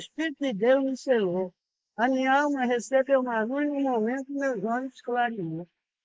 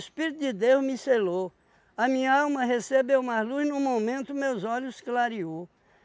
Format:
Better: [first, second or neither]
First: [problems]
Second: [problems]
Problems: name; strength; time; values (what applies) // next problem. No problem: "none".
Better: second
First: noise reduction (neural mask model Resemble Enhance denoiser)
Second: none